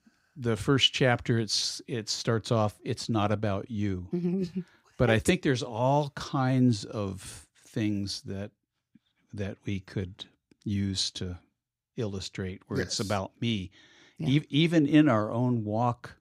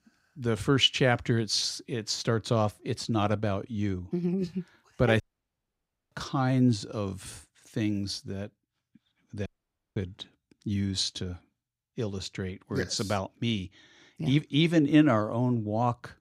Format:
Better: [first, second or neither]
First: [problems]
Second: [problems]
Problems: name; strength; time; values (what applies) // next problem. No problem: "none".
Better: first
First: none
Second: audio cutting out; at 5 s for 1 s and at 9.5 s for 0.5 s